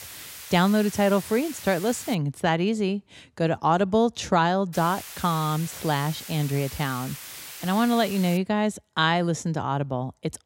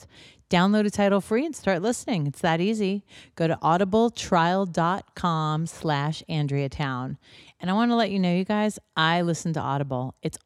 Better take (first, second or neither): second